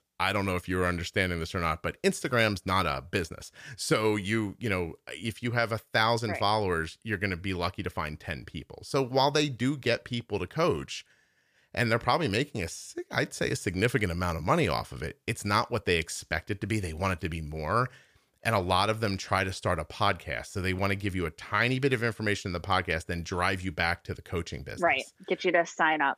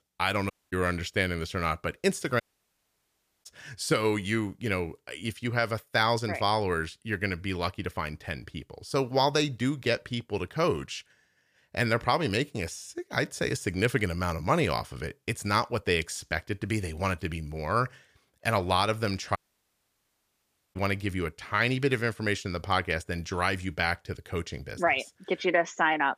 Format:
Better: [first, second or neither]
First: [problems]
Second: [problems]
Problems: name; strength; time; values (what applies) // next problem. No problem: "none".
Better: first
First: none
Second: audio cutting out; at 0.5 s, at 2.5 s for 1 s and at 19 s for 1.5 s